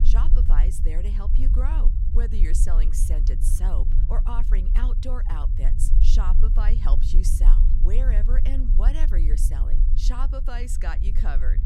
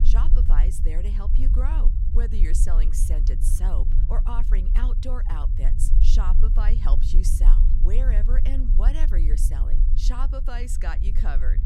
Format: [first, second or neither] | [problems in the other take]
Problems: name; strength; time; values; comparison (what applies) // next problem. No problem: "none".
neither | low rumble; loud; throughout; 7 dB below the speech; the same in both